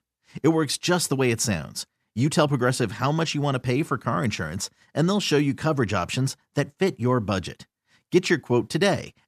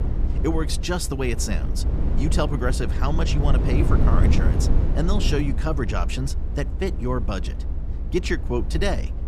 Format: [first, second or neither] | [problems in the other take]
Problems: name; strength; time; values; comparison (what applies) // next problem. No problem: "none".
first | low rumble; loud; throughout; 8 dB below the speech